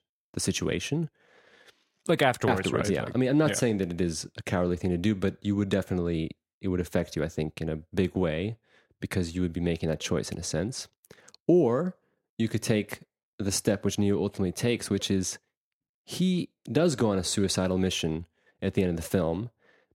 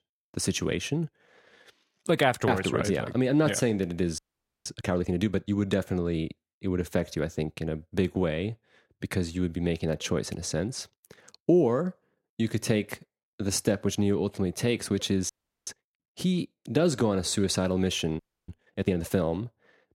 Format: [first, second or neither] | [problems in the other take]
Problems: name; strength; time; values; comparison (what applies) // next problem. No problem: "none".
first | audio freezing; at 4 s, at 15 s and at 18 s